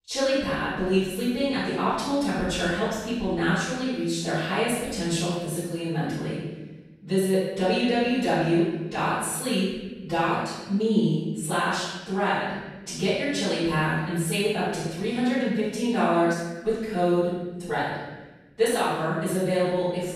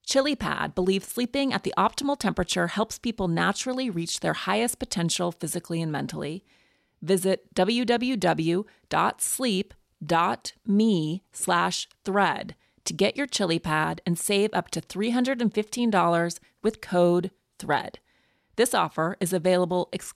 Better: second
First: off-mic speech; far // room echo; strong; dies away in 1.2 s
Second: none

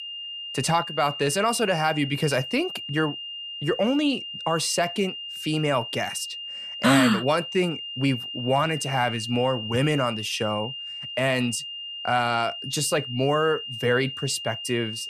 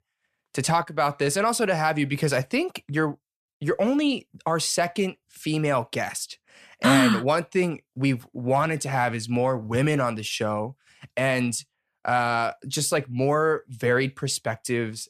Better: second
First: high-pitched whine; loud; throughout; 3 kHz, 8 dB below the speech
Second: none

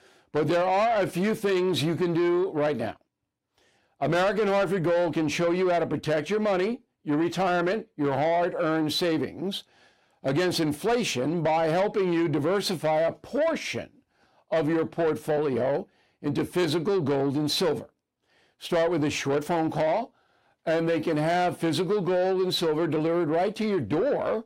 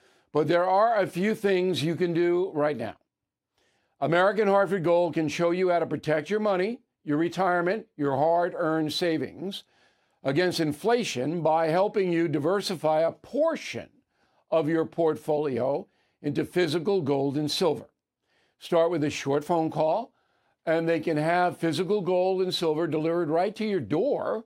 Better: second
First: distortion; slight; 10 dB below the speech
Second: none

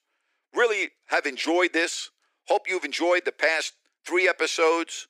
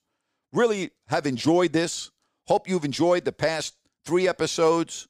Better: second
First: thin; very; fading below 350 Hz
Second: none

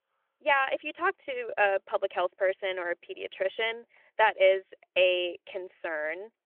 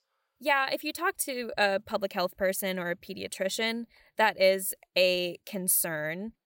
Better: second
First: phone-call audio; nothing above 3 kHz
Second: none

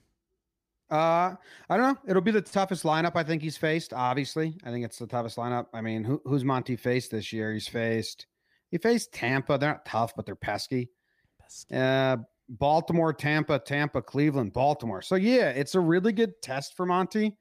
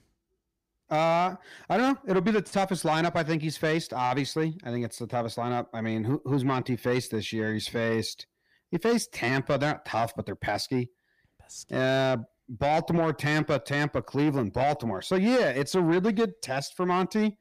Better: first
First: none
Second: distortion; slight; 10 dB below the speech

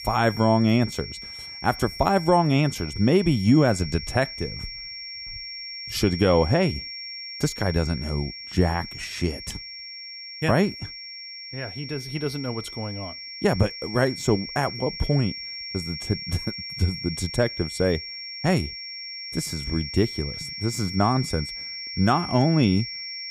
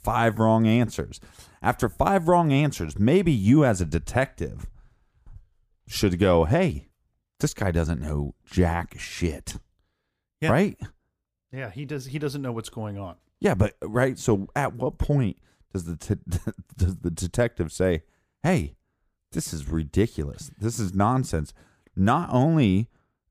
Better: second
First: high-pitched whine; loud; throughout; 5.5 kHz, 9 dB below the speech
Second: none

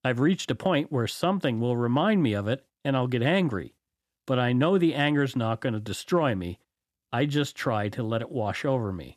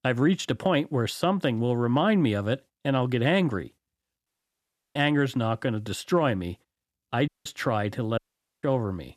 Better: first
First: none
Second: audio cutting out; at 4.5 s for 0.5 s, at 7.5 s and at 8 s

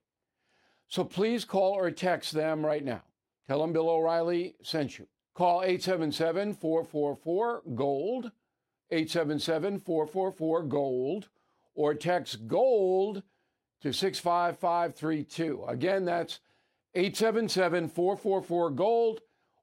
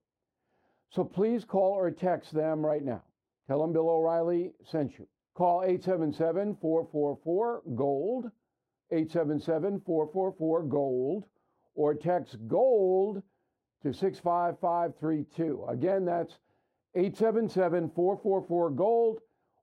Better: first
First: none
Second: muffled; very; fading above 1.5 kHz

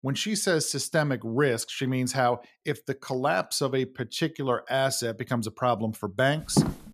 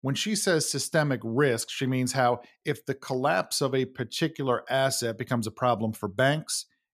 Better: second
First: footsteps; very faint; at 6.5 s; peak 1 dB above the speech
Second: none

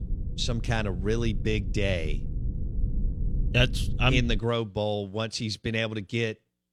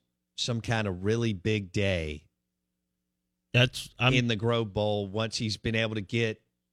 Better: second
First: low rumble; noticeable; until 4.5 s; 20 dB below the speech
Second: none

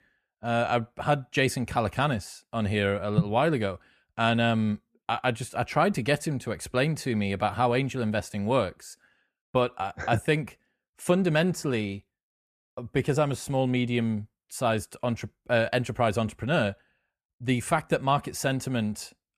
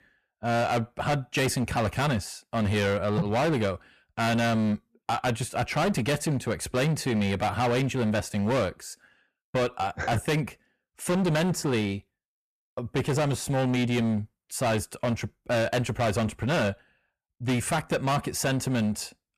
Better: first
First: none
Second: distortion; heavy; 17% of the sound clipped

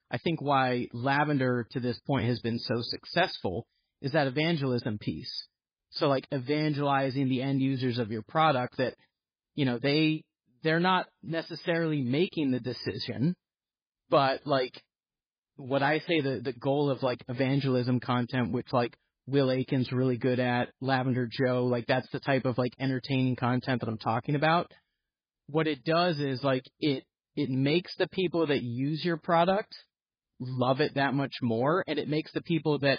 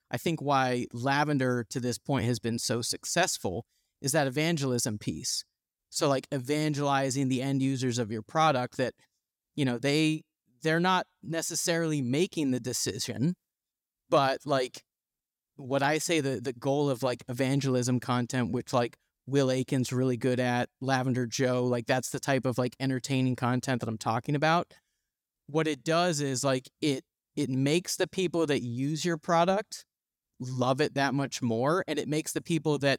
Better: second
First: garbled, watery; badly; nothing above 5 kHz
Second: none

